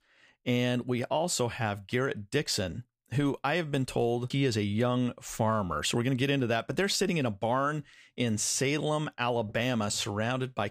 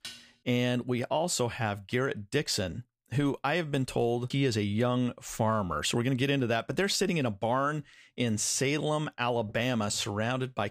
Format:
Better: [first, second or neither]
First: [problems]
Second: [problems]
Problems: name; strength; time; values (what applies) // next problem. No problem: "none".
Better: first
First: none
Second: clattering dishes; faint; at the start; peak 15 dB below the speech